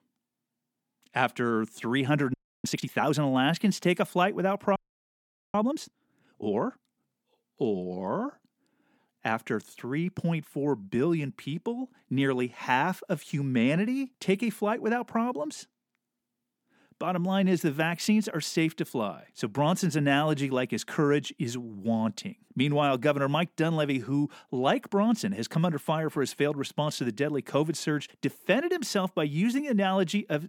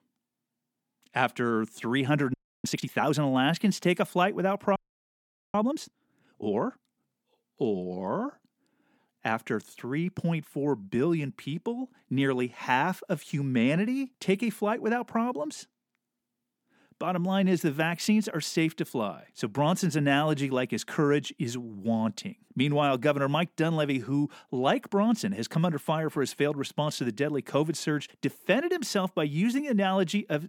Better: neither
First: audio freezing; at 2.5 s and at 5 s for 1 s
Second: audio freezing; at 2.5 s and at 5 s for 1 s

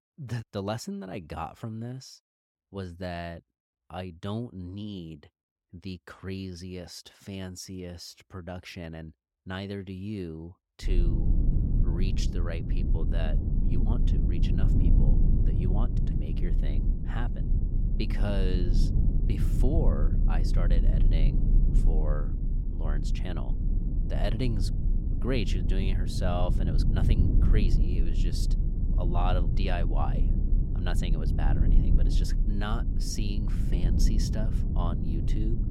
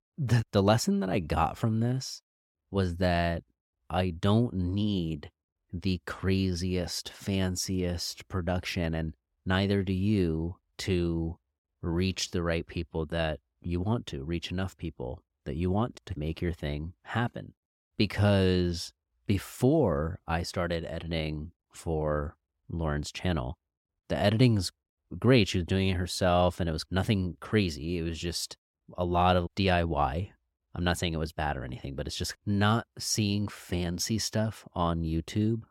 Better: second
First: low rumble; loud; from 11 s on; 3 dB below the speech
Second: none

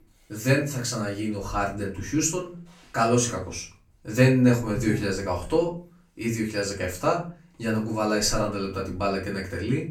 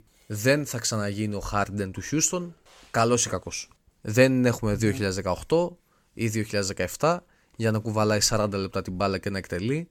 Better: second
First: room echo; slight; dies away in 0.3 s // off-mic speech; far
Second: none

